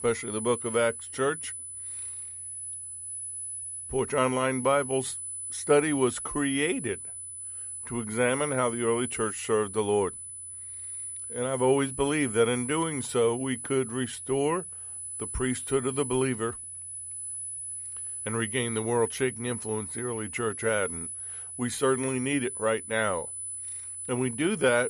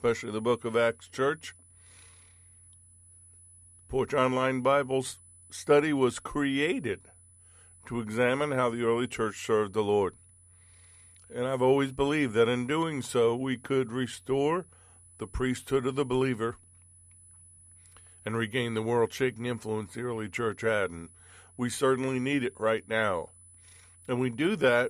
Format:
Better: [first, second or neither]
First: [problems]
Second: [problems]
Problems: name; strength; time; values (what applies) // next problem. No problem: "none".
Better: second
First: high-pitched whine; loud; throughout; 10 kHz, 7 dB below the speech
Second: high-pitched whine; faint; throughout; 10 kHz, 25 dB below the speech